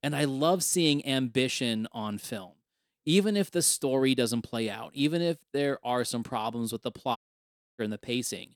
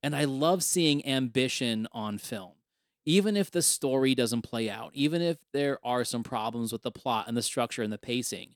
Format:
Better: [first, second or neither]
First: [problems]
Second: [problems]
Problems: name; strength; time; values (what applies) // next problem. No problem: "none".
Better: second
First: audio cutting out; at 7 s for 0.5 s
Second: none